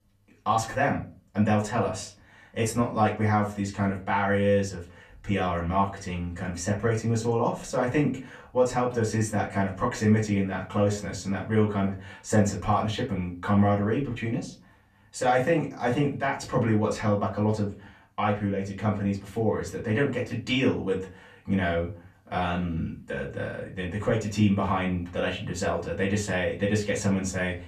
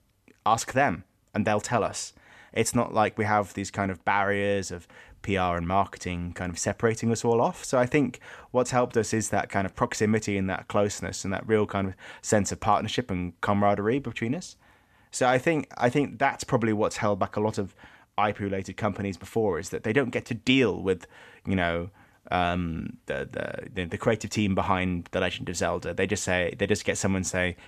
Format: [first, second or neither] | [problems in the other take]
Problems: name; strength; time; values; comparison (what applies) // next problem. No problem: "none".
second | off-mic speech; far // room echo; very slight; dies away in 0.3 s